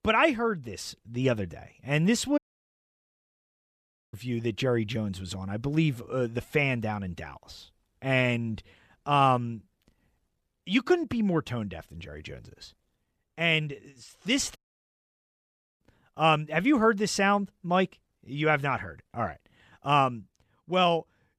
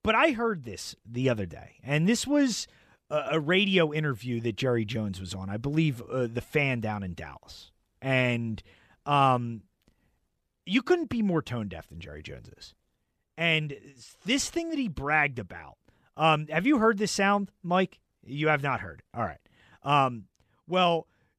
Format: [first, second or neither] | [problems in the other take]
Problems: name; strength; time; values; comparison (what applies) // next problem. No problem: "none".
second | audio cutting out; at 2.5 s for 2 s and at 15 s for 1 s